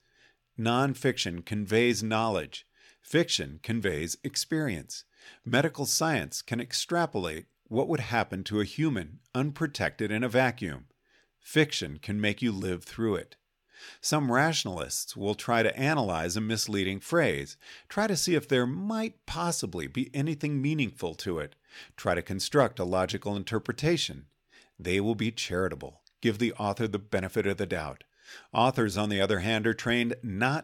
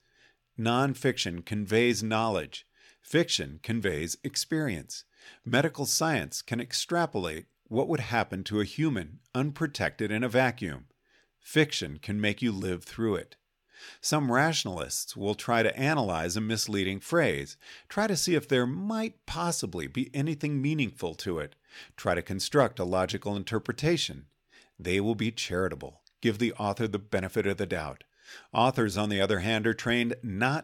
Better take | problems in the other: neither | none

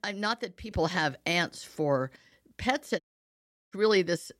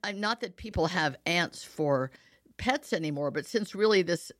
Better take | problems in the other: second | audio cutting out; at 3 s for 0.5 s

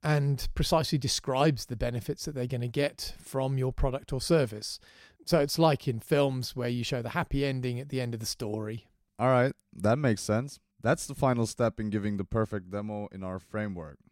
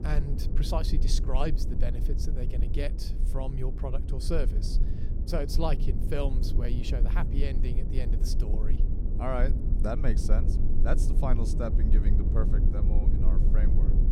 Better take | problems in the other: first | low rumble; loud; throughout; 7 dB below the speech

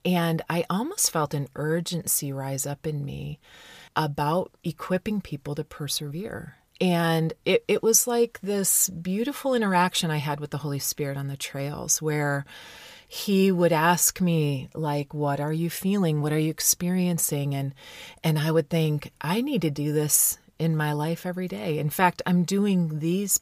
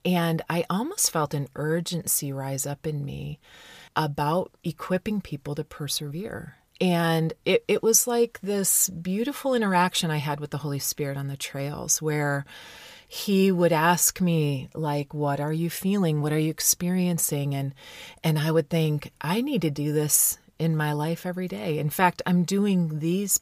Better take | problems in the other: neither | none

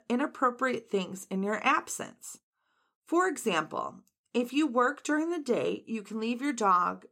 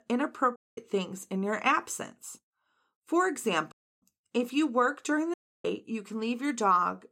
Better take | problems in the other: first | audio cutting out; at 0.5 s, at 3.5 s and at 5.5 s

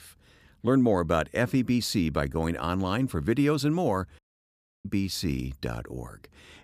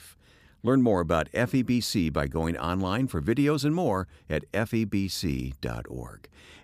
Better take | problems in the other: second | audio cutting out; at 4 s for 0.5 s

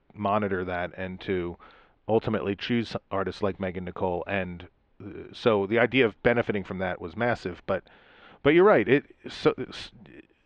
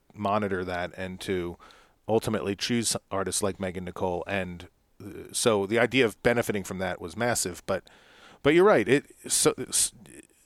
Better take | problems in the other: second | muffled; very; fading above 3.5 kHz

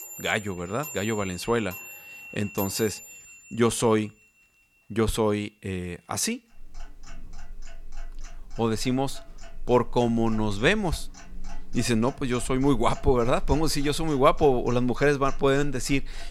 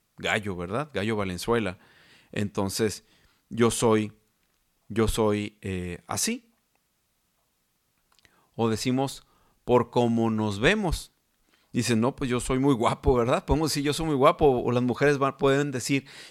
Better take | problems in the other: second | household noises; noticeable; throughout; 15 dB below the speech

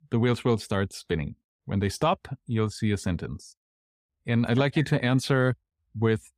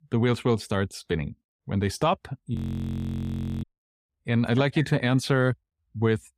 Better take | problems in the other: first | audio freezing; at 2.5 s for 1 s

